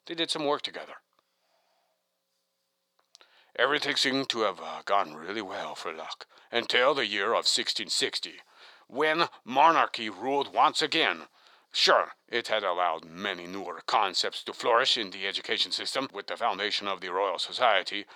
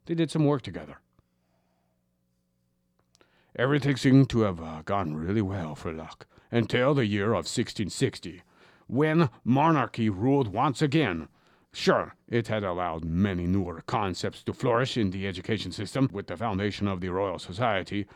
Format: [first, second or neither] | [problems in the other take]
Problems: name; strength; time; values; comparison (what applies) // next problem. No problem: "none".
second | thin; very; fading below 700 Hz